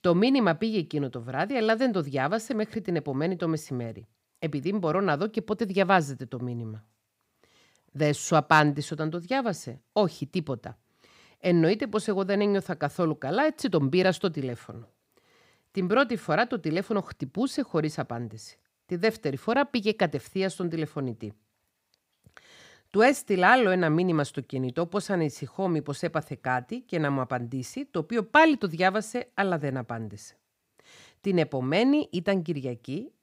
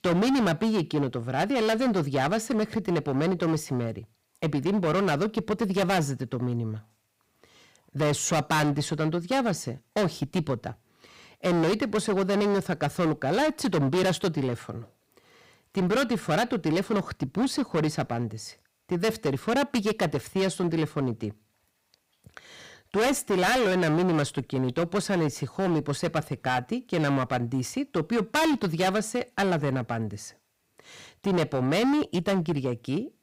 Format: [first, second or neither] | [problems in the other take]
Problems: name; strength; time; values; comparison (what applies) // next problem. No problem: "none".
first | distortion; heavy; 16% of the sound clipped